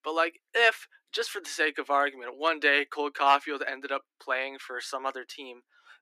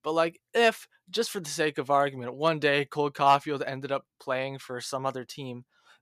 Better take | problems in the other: second | thin; somewhat; fading below 300 Hz

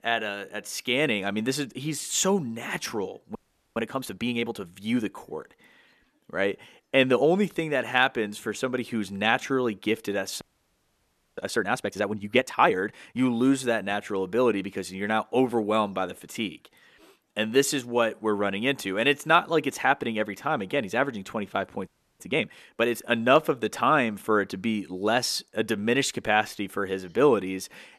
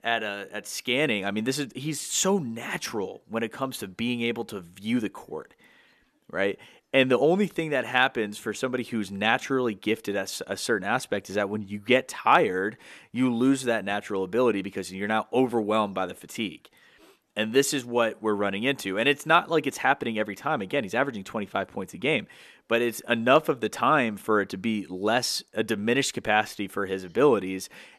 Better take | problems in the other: second | audio freezing; at 3.5 s, at 10 s for 1 s and at 22 s

